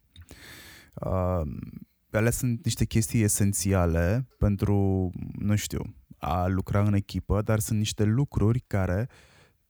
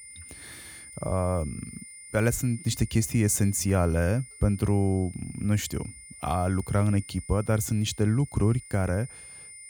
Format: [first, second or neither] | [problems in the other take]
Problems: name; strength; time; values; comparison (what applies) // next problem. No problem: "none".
first | high-pitched whine; noticeable; throughout; 9.5 kHz, 15 dB below the speech